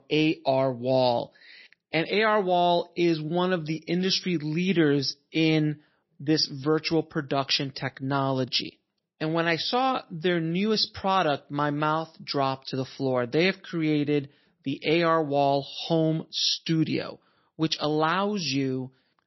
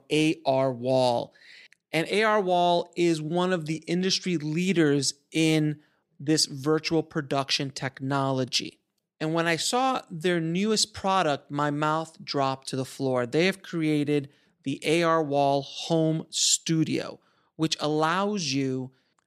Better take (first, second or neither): second